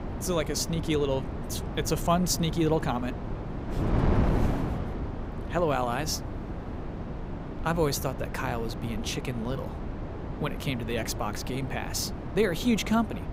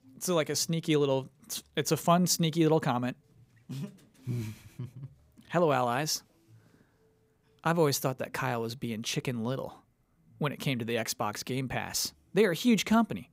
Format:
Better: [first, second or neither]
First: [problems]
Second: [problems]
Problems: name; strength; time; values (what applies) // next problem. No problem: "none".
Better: second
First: wind noise on the microphone; heavy; 8 dB below the speech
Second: none